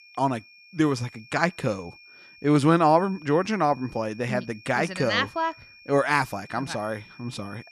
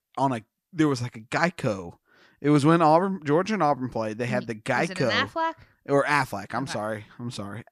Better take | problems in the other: second | high-pitched whine; faint; throughout; 2.5 kHz, 25 dB below the speech

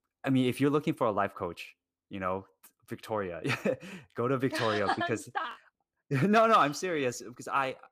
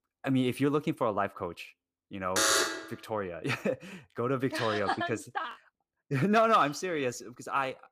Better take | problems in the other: first | alarm; loud; at 2.5 s; peak 6 dB above the speech

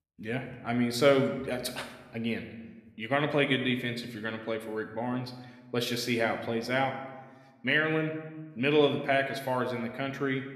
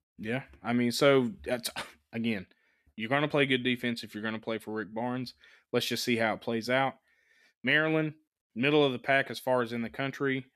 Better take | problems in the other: second | room echo; slight; dies away in 1 s

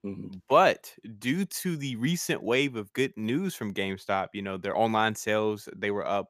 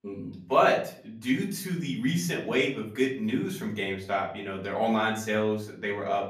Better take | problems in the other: first | off-mic speech; far // room echo; slight; dies away in 0.5 s

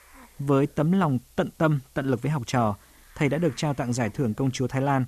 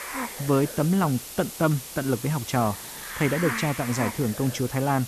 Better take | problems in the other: first | hiss; loud; throughout; 8 dB below the speech; faint in the first

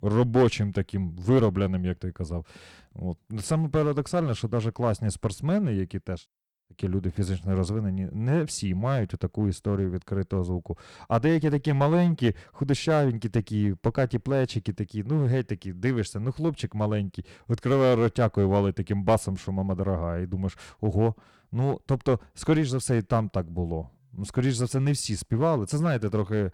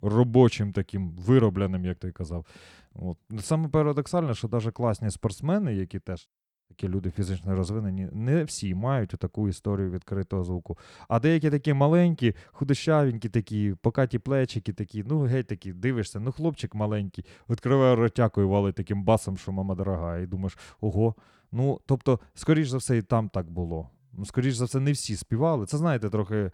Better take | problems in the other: second | distortion; slight; 4% of the sound clipped

